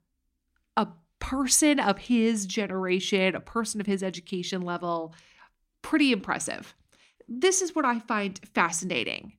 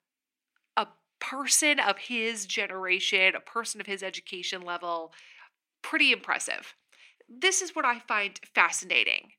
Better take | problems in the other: first | thin; somewhat; fading below 500 Hz

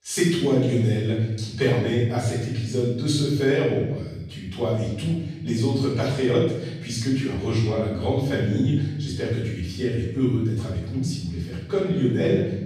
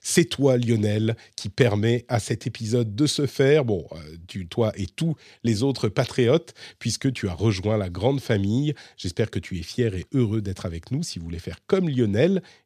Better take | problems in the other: second | off-mic speech; far // room echo; noticeable; dies away in 1 s

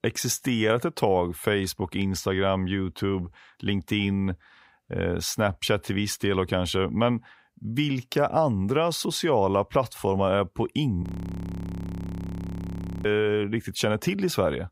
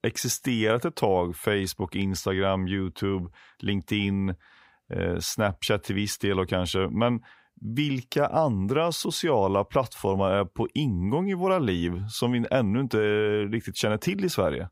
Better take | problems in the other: second | audio freezing; at 11 s for 2 s

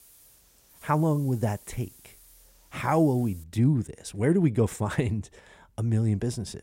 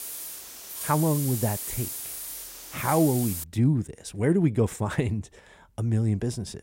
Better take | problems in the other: first | hiss; loud; until 3.5 s; 7 dB below the speech; faint in the first

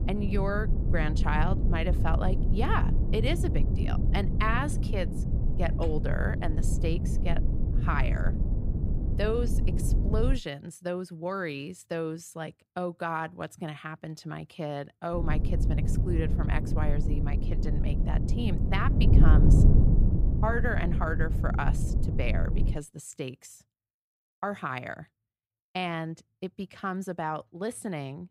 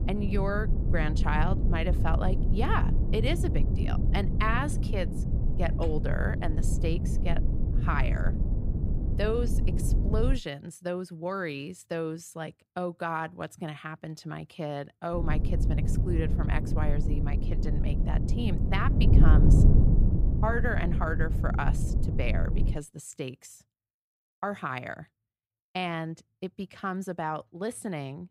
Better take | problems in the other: neither | wind noise on the microphone; heavy; until 10 s and from 15 to 23 s; 6 dB below the speech; the same in both

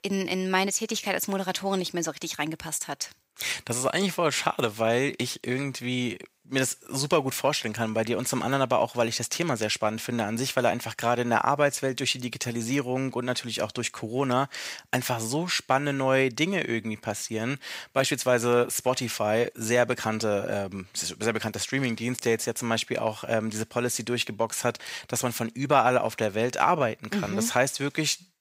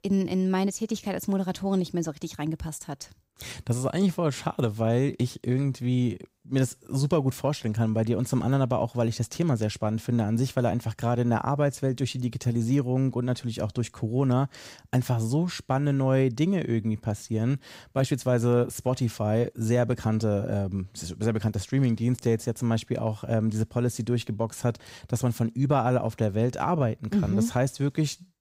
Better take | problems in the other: second | thin; somewhat; fading below 950 Hz

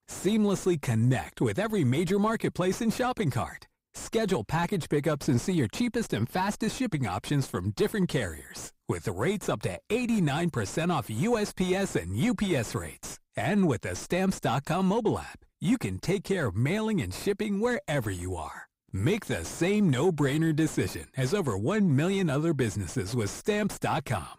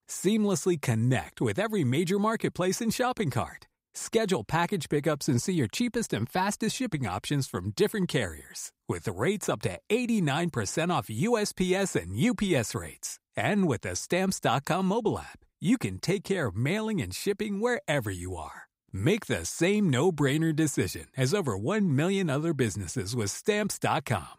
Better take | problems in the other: second | distortion; slight; 10 dB below the speech

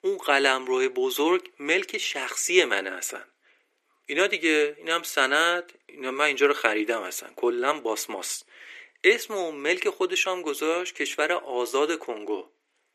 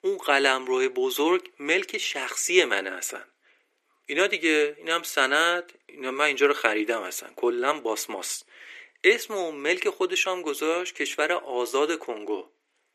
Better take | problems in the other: neither | thin; very; fading below 350 Hz; the same in both

